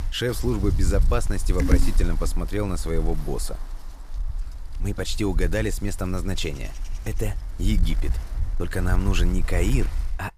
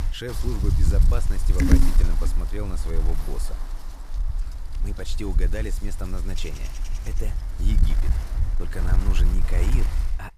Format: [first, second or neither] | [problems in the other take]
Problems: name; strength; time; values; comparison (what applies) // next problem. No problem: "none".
first | wind noise on the microphone; heavy; 1 dB below the speech; occasional gusts in the first